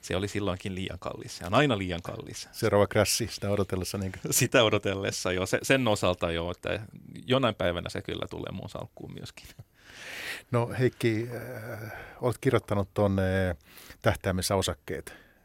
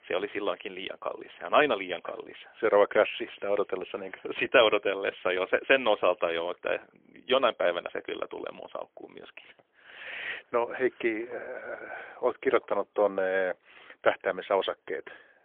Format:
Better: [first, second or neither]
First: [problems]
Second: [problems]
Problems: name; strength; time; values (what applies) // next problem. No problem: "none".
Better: first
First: none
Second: phone-call audio; poor line; nothing above 3.5 kHz